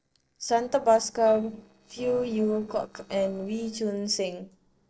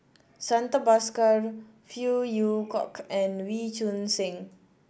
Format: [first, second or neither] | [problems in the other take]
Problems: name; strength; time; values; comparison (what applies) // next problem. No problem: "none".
second | noise reduction (neural separator model SepFormer DNS4)